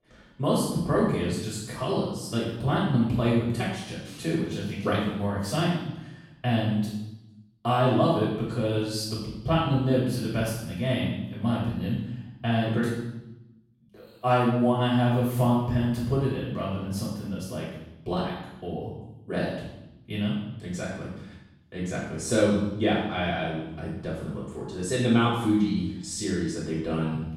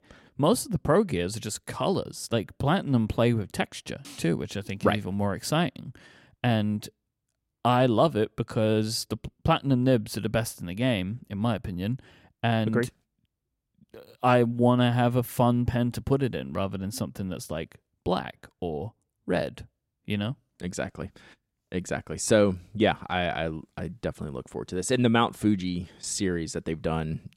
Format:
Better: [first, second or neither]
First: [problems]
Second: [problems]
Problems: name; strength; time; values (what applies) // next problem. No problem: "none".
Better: second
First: room echo; strong; dies away in 0.8 s // off-mic speech; far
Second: none